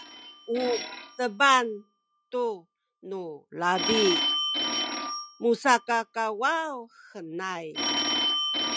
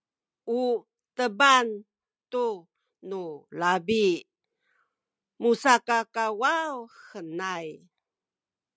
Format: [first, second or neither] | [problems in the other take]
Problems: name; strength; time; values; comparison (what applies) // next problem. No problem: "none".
second | noise reduction (classical method log-MMSE)